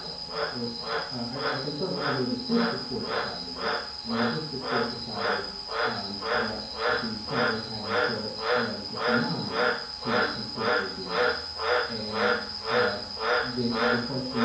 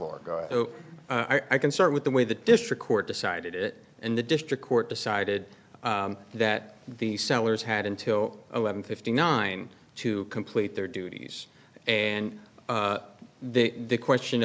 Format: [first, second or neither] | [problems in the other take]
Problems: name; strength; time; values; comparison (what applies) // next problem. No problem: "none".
second | background sound (Frog); 5 dB above the speech // room echo; dies away in 0.9 s